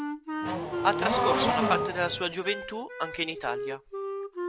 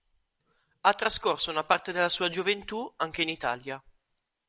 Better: second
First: background sound (Wind instrument, woodwind instrument + Race car, auto racing / Accelerating, revving, vroom); 2 dB above the speech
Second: none

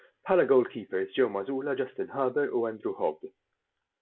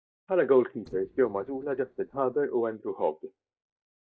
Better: first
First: none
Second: noise reduction (neural mask model DeepFilterNet 3)

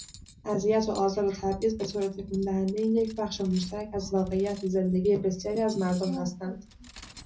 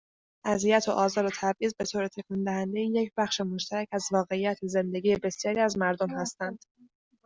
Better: second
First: background sound (Cutlery, silverware); 18 dB below the speech // room echo; dies away in 0.4 s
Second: none

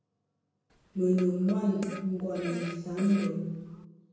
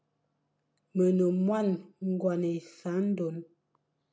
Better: second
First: background sound (Fart); 14 dB below the speech // room echo; dies away in 1 s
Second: none

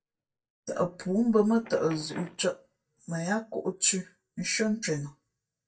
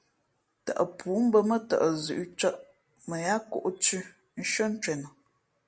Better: second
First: noise reduction (neural mask model DeepFilterNet 3)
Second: none

